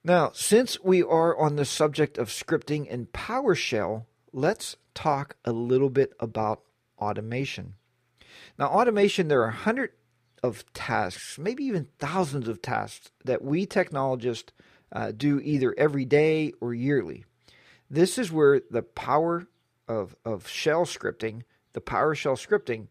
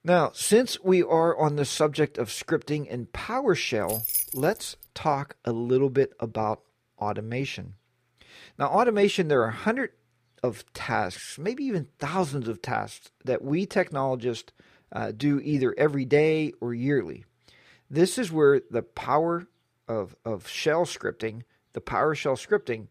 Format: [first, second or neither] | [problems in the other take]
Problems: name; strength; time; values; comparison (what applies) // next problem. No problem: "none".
first | jangling keys; loud; at 4 s; peak 1 dB above the speech